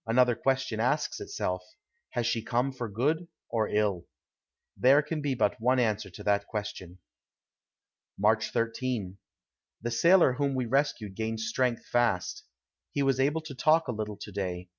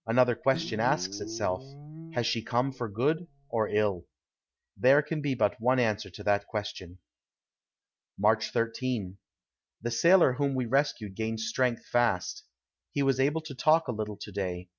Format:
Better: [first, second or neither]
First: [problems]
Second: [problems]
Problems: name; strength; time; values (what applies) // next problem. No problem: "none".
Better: first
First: none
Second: background sound (Guitar); 14 dB below the speech